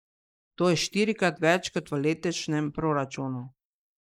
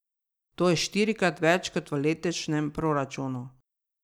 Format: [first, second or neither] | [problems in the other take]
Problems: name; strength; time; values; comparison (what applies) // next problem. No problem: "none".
second | noise reduction (neural mask model Resemble Enhance denoiser)